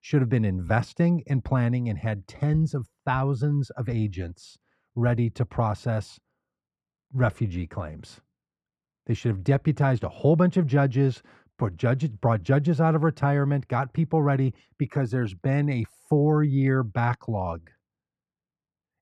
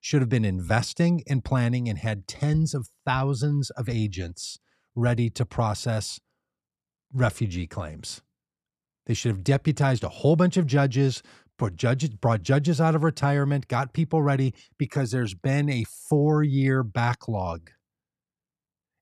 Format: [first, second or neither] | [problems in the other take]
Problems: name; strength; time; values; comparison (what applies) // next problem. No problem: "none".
second | muffled; slightly; fading above 3 kHz